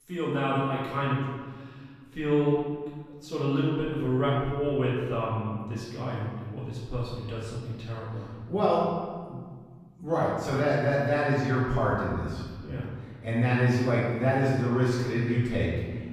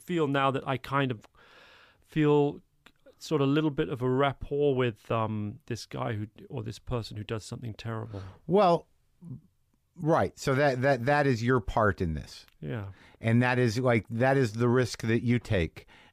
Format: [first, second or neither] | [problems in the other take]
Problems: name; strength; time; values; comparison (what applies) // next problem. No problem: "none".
second | room echo; strong; dies away in 1.6 s // off-mic speech; far